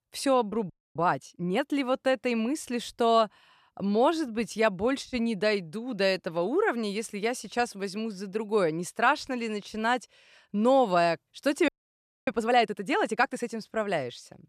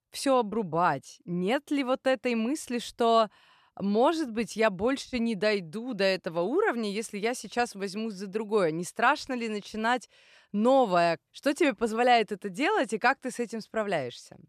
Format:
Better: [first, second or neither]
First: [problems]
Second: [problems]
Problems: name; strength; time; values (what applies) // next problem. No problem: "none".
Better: second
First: audio freezing; at 0.5 s and at 12 s for 0.5 s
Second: none